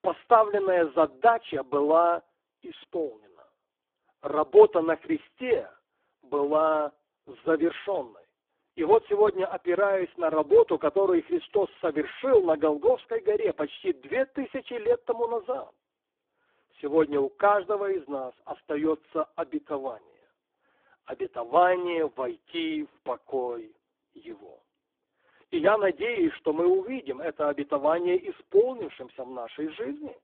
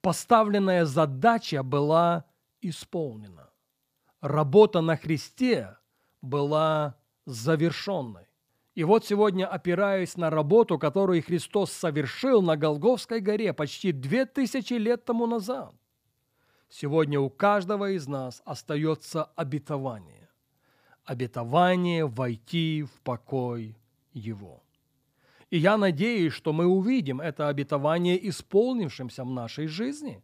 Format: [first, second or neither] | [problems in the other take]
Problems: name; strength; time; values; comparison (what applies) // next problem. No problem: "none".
second | phone-call audio; poor line